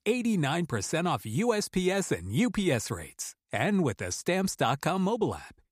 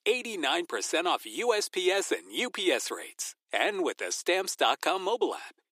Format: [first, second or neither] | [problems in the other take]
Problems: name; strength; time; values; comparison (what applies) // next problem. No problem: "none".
first | thin; very; fading below 300 Hz